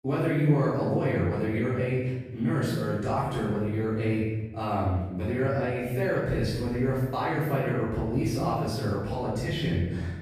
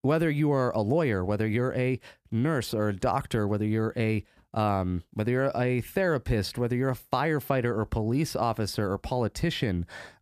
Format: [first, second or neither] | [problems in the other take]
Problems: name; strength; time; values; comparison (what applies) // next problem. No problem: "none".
second | room echo; strong; dies away in 1.3 s // off-mic speech; far